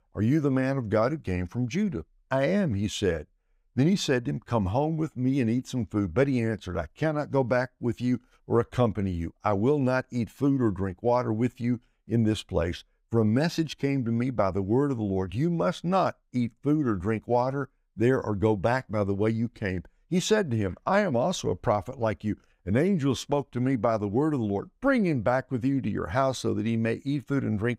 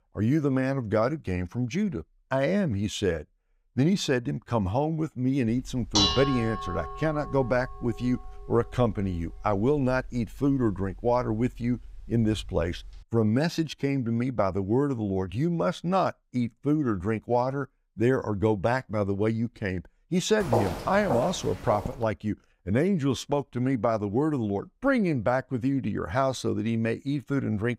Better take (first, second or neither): first